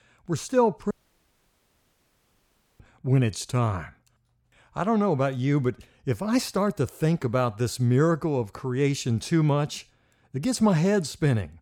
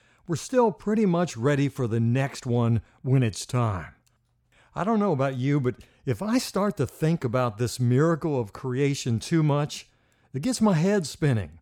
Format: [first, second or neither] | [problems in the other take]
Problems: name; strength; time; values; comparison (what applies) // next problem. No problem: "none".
second | audio cutting out; at 1 s for 2 s